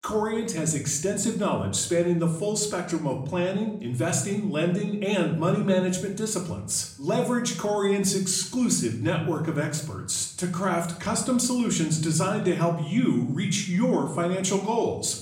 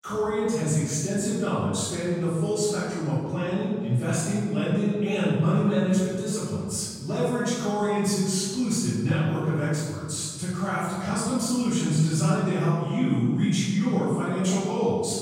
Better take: first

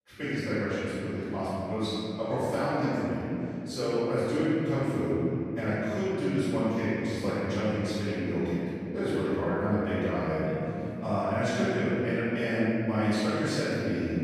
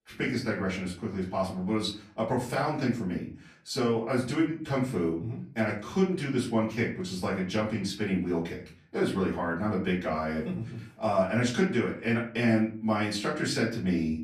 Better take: second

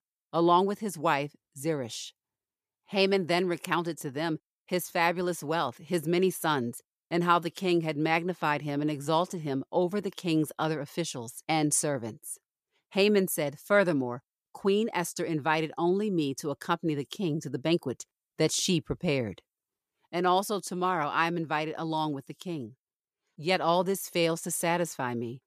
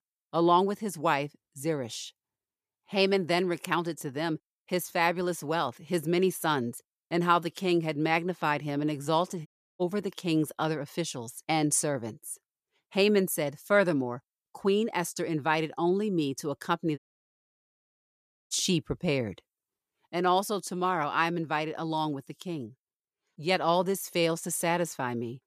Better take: first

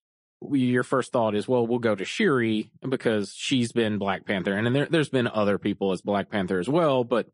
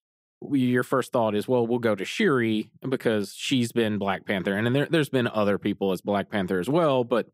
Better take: second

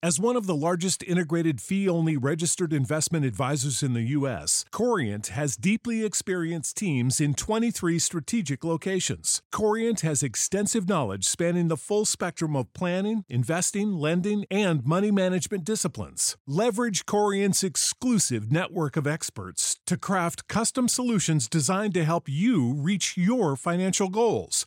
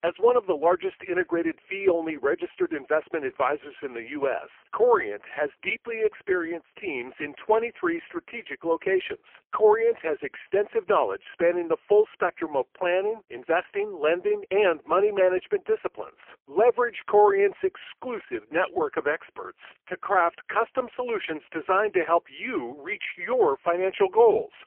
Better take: first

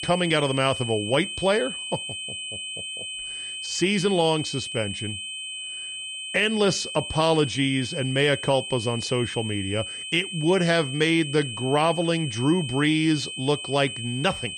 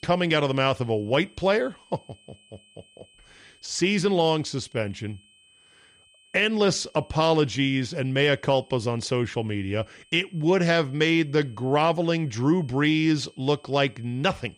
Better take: second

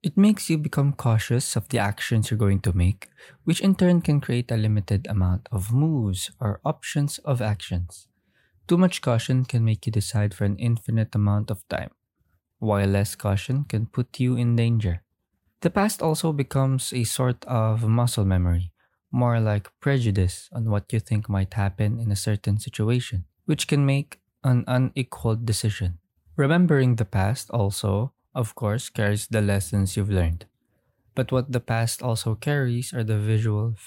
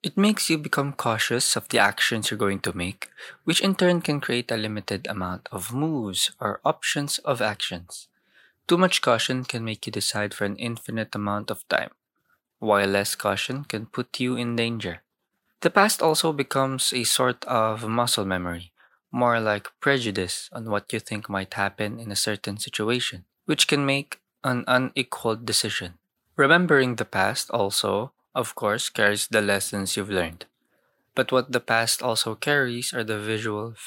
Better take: first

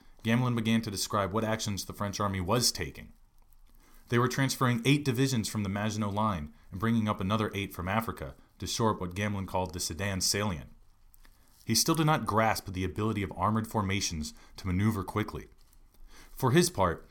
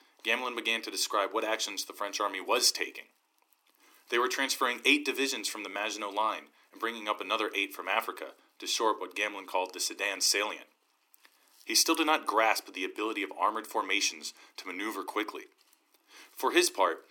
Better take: first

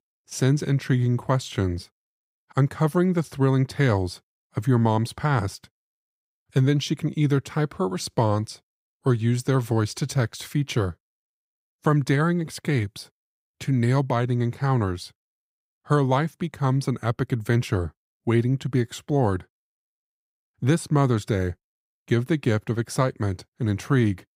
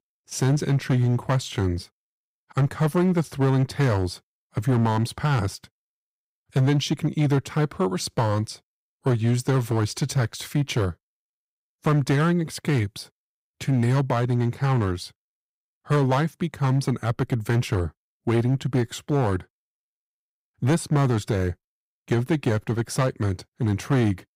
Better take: first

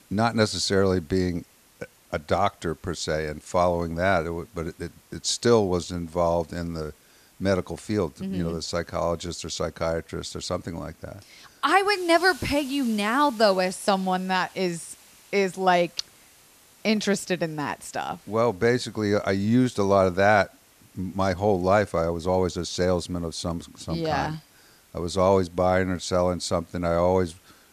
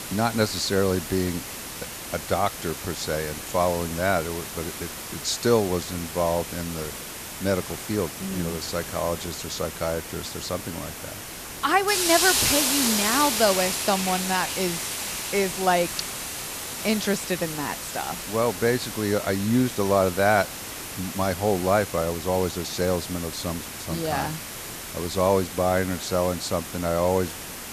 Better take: first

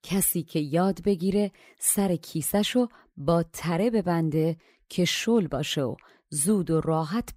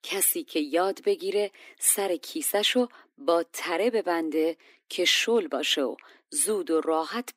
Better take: first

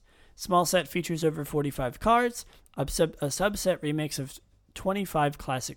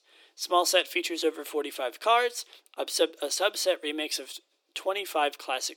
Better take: first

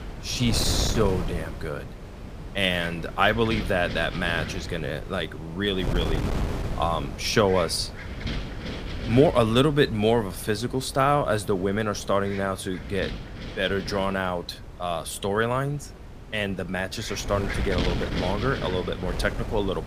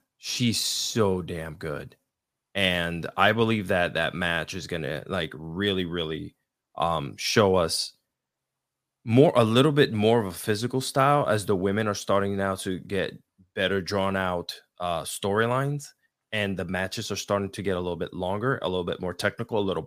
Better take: second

